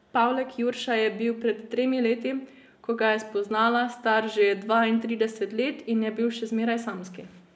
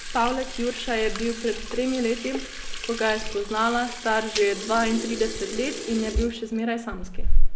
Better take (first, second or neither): first